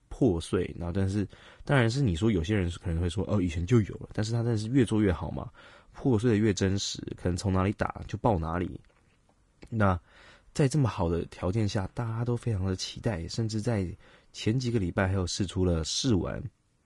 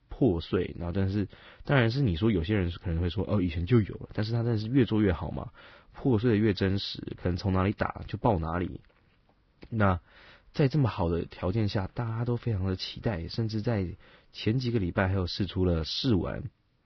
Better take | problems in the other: first | garbled, watery; badly; nothing above 5.5 kHz; slightly in the first

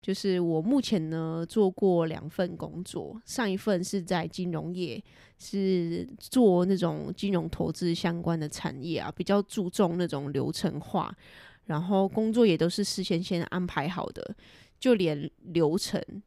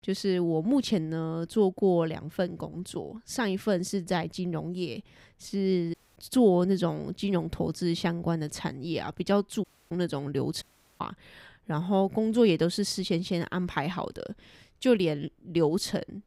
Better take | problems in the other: first | audio cutting out; at 6 s, at 9.5 s and at 11 s

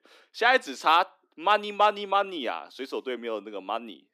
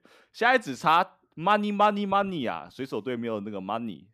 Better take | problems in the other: second | thin; somewhat; fading below 300 Hz

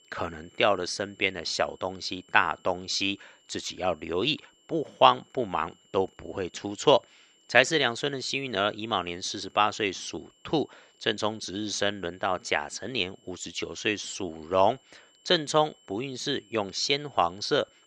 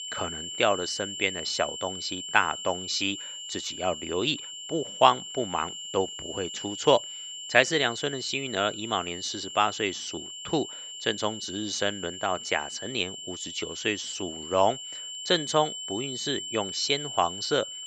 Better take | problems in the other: first | high-pitched whine; loud; throughout; 3 kHz, 8 dB below the speech; faint in the first

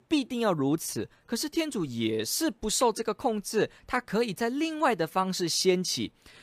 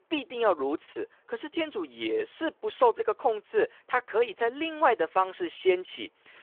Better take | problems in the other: first | phone-call audio

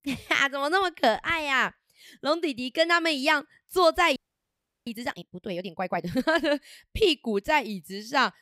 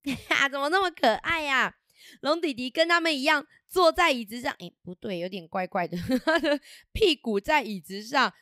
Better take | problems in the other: second | audio freezing; at 4 s for 0.5 s

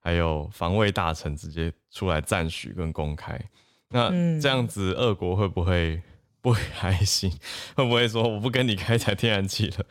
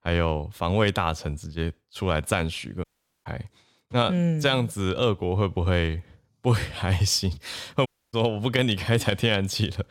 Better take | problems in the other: first | audio cutting out; at 3 s and at 8 s

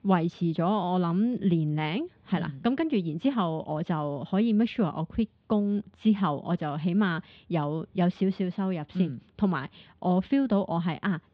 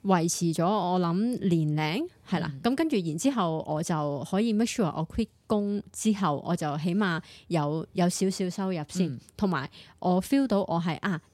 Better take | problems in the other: second | muffled; very; fading above 3.5 kHz

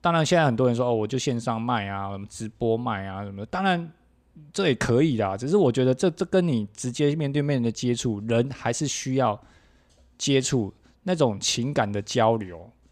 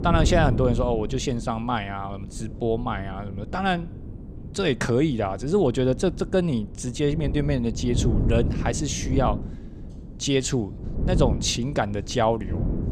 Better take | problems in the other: first | wind noise on the microphone; occasional gusts; 15 dB below the speech

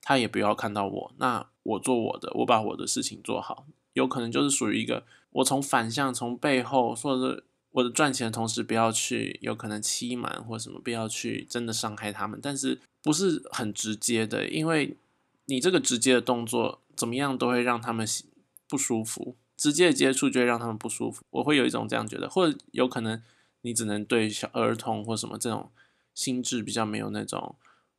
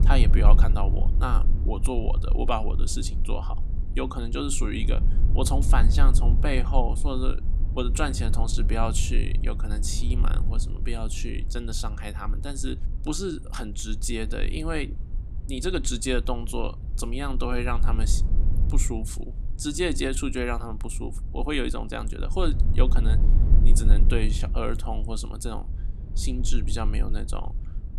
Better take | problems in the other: first | low rumble; noticeable; throughout; 15 dB below the speech

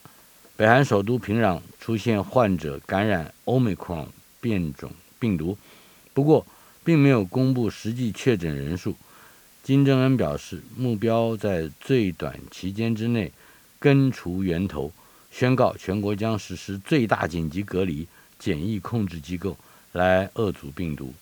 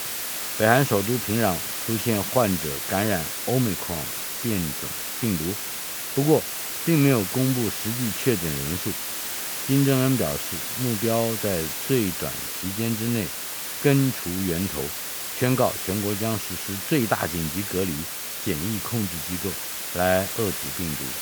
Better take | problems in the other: first | hiss; loud; throughout; 2 dB below the speech; faint in the first

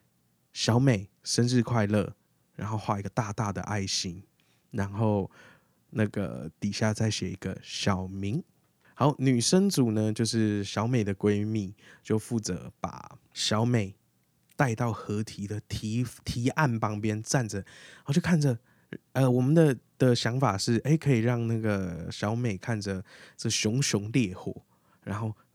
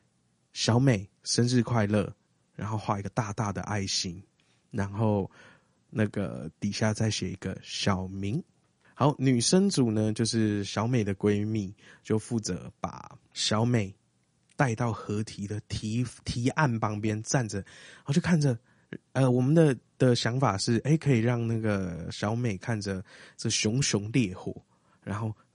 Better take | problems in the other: first | garbled, watery; slightly; nothing above 10.5 kHz

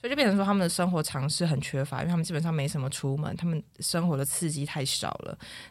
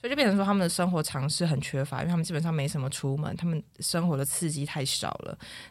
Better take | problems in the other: neither | none

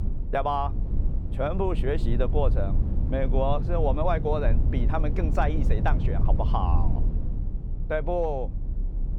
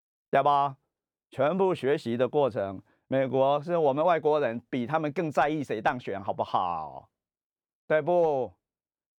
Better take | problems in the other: second | low rumble; noticeable; throughout; 15 dB below the speech

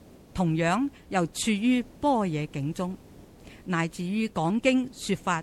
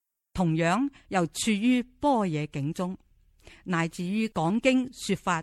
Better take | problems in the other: second | hiss; faint; throughout; 25 dB below the speech

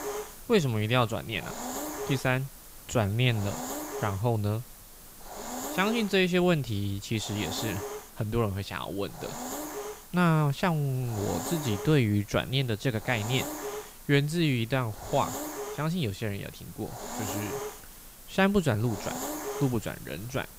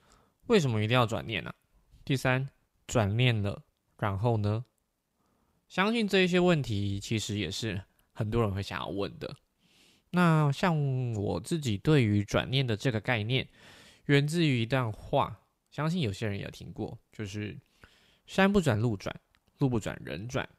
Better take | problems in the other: second | hiss; noticeable; throughout; 10 dB below the speech

